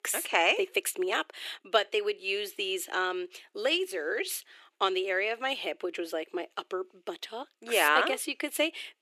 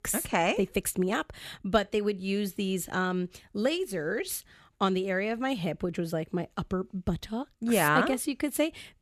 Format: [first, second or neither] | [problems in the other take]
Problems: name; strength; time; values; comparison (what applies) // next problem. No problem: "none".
second | thin; very; fading below 350 Hz